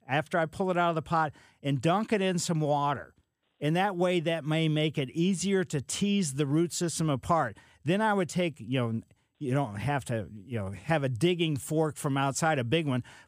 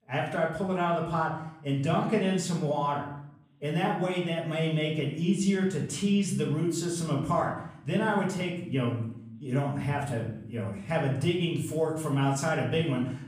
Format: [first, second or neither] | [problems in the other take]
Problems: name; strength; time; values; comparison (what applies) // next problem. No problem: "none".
first | room echo; noticeable; dies away in 0.6 s // off-mic speech; far